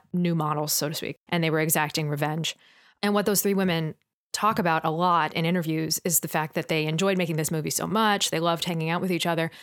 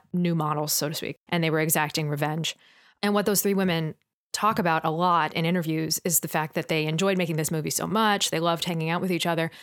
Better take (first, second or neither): neither